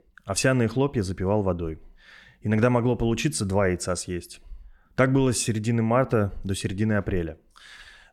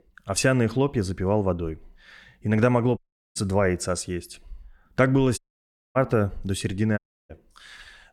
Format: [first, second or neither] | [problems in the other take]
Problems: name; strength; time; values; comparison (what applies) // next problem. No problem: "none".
first | audio cutting out; at 3 s, at 5.5 s for 0.5 s and at 7 s